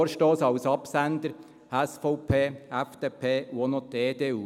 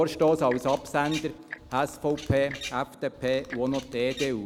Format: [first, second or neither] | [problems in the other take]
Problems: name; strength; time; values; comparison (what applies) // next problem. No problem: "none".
first | background sound (Tick-tock + Bird vocalization, bird call, bird song); 16 dB below the speech